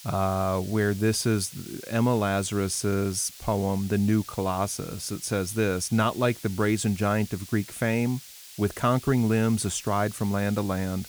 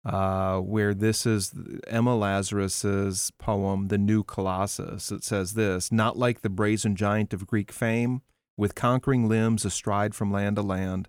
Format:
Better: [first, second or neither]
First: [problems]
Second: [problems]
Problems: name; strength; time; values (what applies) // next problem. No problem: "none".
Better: second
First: hiss; noticeable; throughout; 15 dB below the speech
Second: none